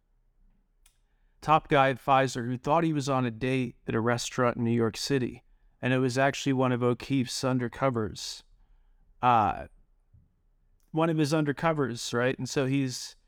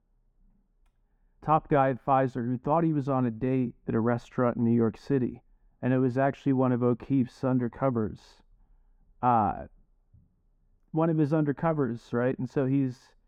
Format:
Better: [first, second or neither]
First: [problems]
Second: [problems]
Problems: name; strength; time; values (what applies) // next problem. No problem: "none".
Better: first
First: none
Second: muffled; very; fading above 2.5 kHz